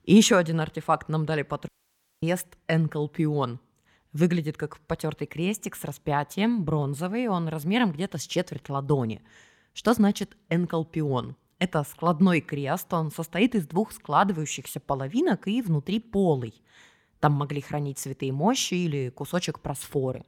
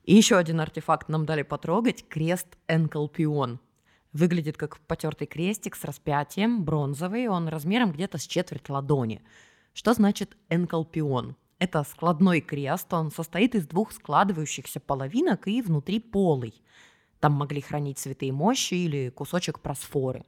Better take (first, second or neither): second